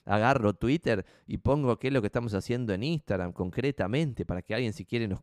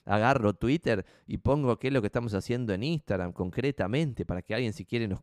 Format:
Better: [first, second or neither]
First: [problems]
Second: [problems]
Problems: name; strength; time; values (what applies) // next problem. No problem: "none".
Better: neither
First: none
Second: none